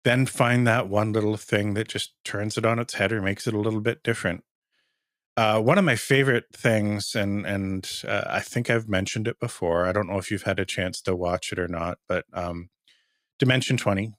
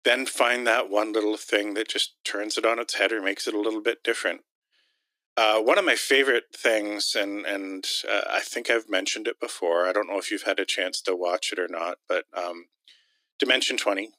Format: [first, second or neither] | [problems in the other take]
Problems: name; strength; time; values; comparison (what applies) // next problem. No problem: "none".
first | thin; somewhat; fading below 300 Hz